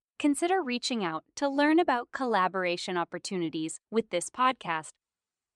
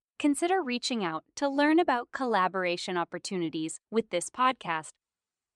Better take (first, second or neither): neither